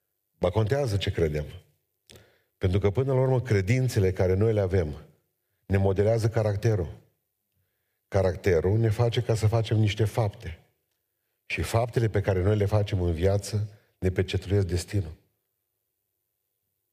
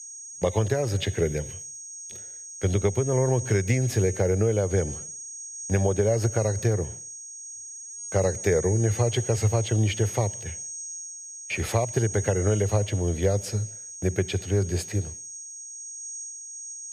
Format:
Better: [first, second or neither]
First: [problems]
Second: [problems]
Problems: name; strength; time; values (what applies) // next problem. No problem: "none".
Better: first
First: none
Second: high-pitched whine; loud; throughout; 6.5 kHz, 9 dB below the speech